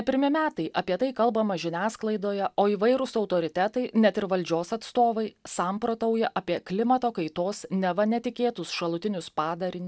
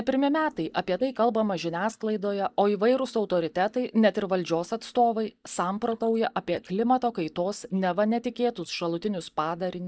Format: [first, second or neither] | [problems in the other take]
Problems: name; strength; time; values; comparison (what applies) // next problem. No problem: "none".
first | noise reduction (neural mask model DeepFilterNet 3)